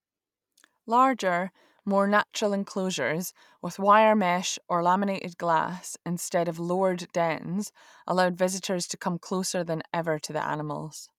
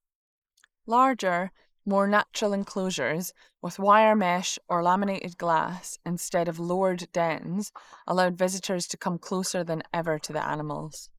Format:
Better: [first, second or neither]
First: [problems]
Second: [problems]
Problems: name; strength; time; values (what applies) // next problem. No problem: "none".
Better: first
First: none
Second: noise reduction (neural mask model Resemble Enhance denoiser)